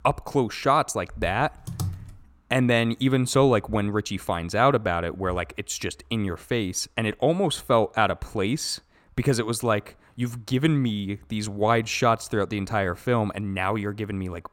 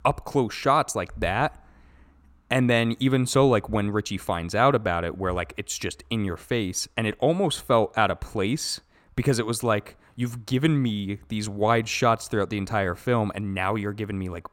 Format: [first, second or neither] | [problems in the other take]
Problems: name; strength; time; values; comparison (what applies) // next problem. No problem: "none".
second | keyboard typing; noticeable; at 1.5 s; peak 7 dB below the speech